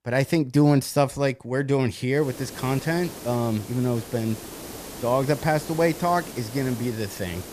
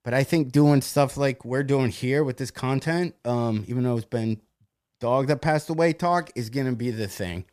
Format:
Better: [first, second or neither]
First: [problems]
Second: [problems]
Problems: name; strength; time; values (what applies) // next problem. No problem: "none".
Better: second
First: hiss; noticeable; from 2 s on; 15 dB below the speech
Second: none